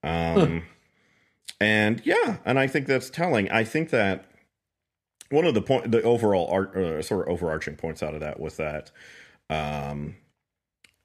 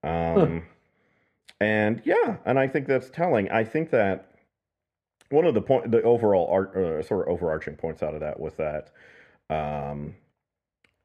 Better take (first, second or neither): first